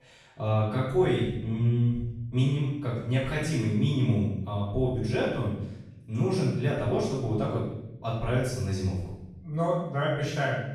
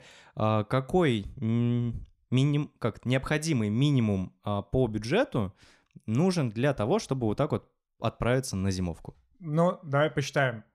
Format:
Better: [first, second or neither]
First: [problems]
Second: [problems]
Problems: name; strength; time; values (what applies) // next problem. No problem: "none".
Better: second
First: off-mic speech; far // room echo; strong; dies away in 0.8 s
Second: none